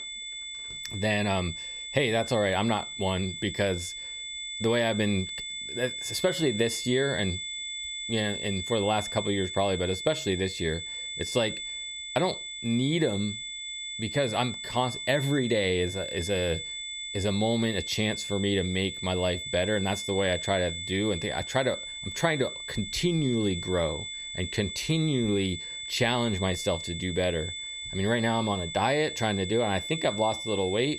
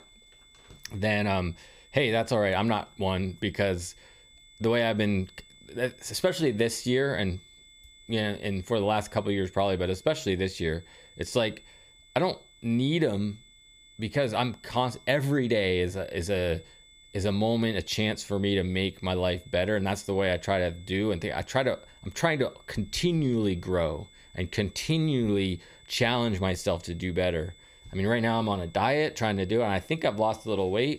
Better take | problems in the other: second | high-pitched whine; loud; throughout; 3.5 kHz, 6 dB below the speech; faint in the second

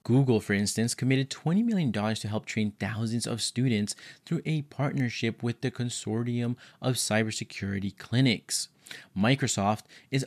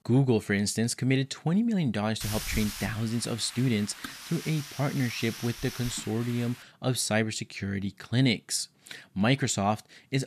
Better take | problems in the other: first | hiss; noticeable; from 2 to 6.5 s; 10 dB below the speech

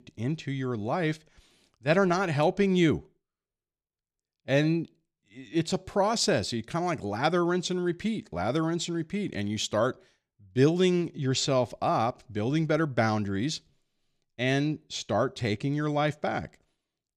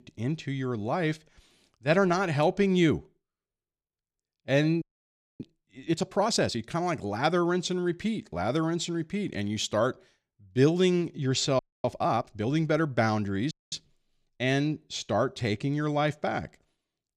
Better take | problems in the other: first | audio freezing; at 5 s for 0.5 s, at 12 s and at 14 s

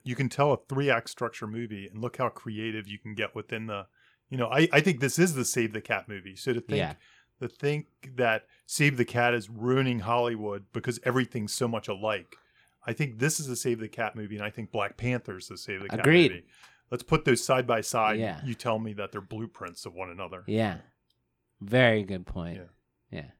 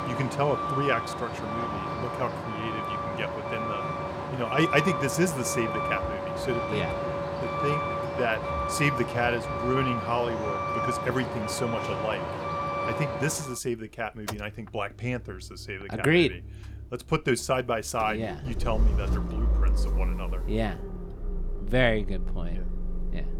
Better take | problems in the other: first | traffic noise; loud; throughout; 2 dB below the speech

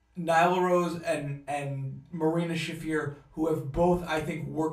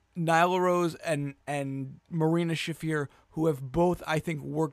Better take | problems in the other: second | off-mic speech; far // room echo; very slight; dies away in 0.3 s

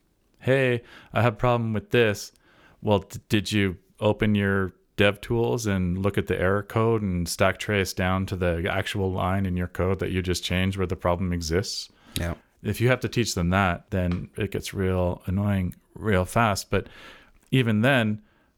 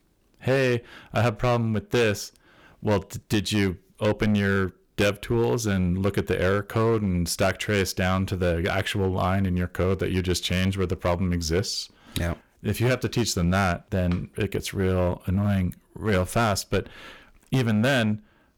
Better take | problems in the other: first | distortion; slight; 7% of the sound clipped

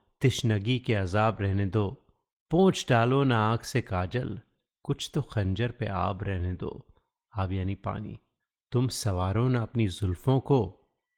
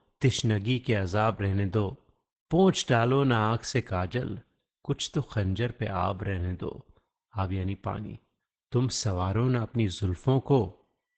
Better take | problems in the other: first | garbled, watery; badly; nothing above 8 kHz; slightly in the first

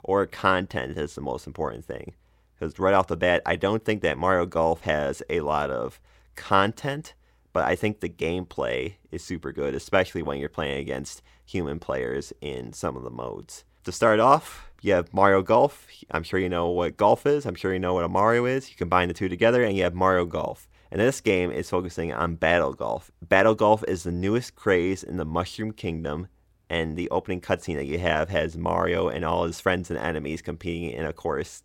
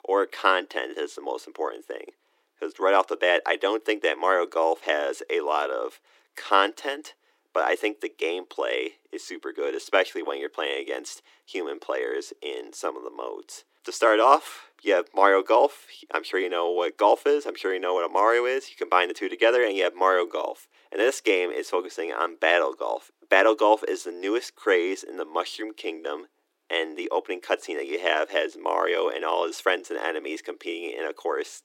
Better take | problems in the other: first | thin; somewhat; fading below 300 Hz

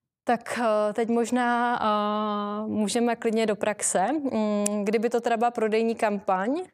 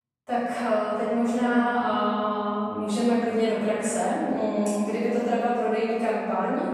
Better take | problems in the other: first | off-mic speech; far // room echo; strong; dies away in 3 s

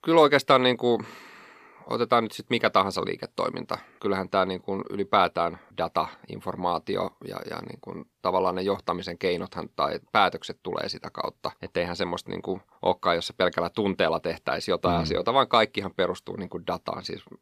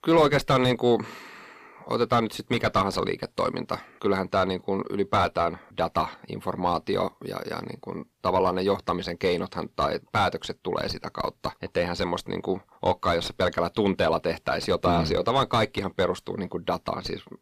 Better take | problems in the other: first | distortion; heavy; 7 dB below the speech

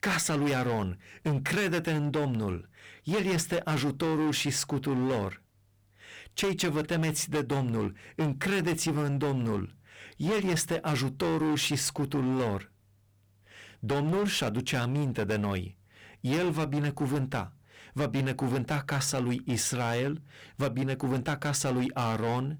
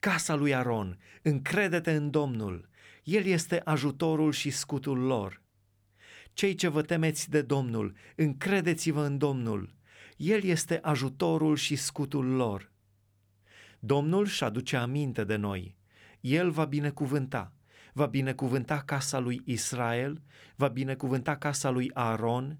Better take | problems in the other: second | distortion; heavy; 19% of the sound clipped

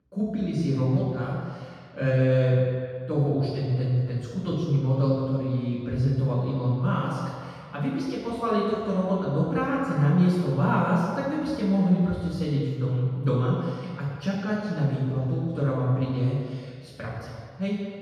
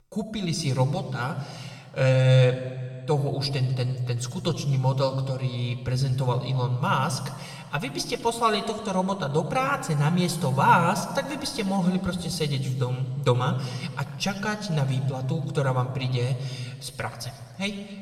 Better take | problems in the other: second | room echo; strong; dies away in 1.8 s; slight in the second // off-mic speech; far

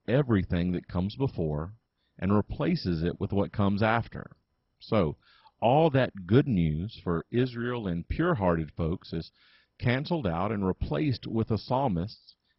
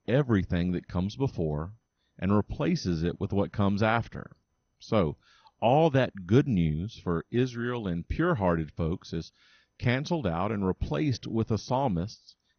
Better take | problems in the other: second | garbled, watery; badly; nothing above 5.5 kHz; slightly in the second

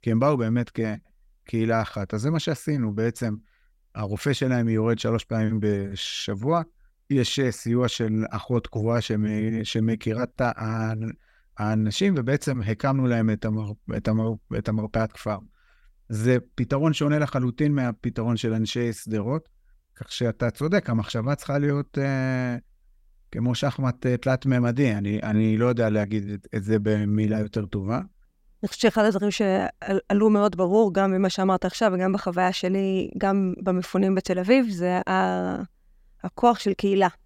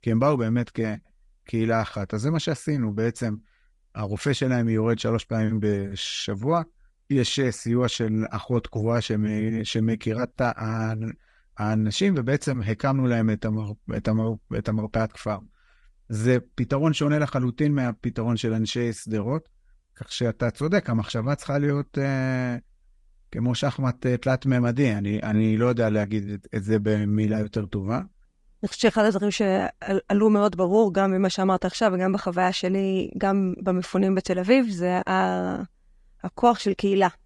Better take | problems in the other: first | garbled, watery; slightly; nothing above 10.5 kHz

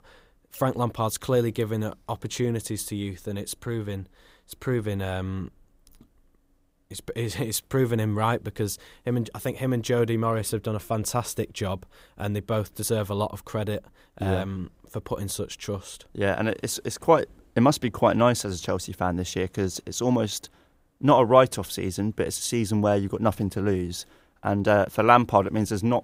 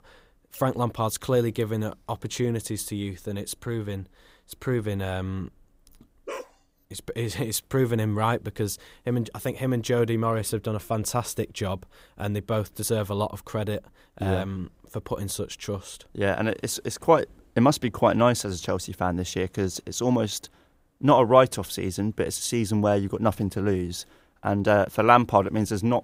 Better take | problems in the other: first | dog barking; faint; at 6.5 s; peak 10 dB below the speech

